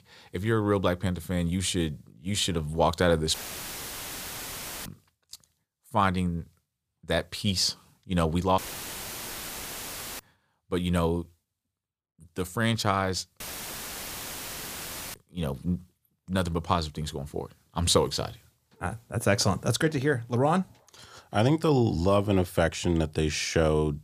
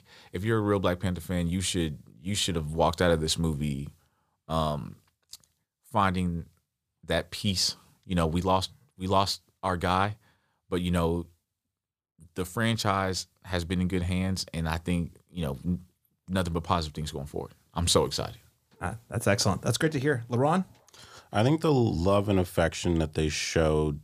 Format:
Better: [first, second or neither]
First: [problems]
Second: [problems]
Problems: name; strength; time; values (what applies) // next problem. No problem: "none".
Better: second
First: audio cutting out; filled with static; at 3.5 s for 1.5 s, at 8.5 s for 1.5 s and at 13 s for 1.5 s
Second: none